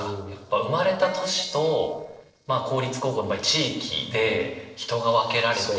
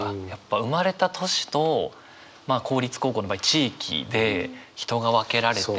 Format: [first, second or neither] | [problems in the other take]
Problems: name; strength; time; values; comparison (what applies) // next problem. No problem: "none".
second | noise reduction (neural separator model SepFormer DNS4)